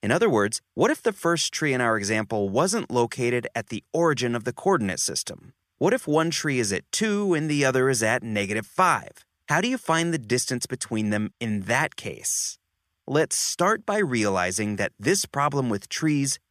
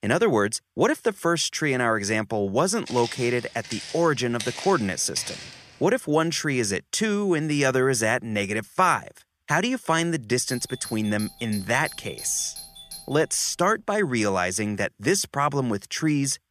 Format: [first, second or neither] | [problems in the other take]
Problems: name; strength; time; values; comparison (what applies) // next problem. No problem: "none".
first | footsteps; noticeable; from 3 to 5.5 s; peak 8 dB below the speech // doorbell; faint; from 10 to 13 s; peak 15 dB below the speech